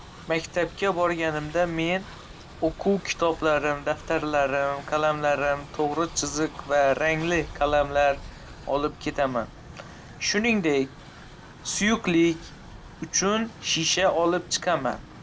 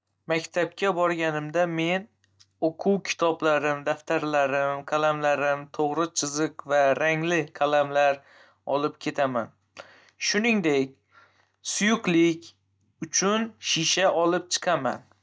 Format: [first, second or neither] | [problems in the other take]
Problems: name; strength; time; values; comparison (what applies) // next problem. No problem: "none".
second | background sound (Train); 16 dB below the speech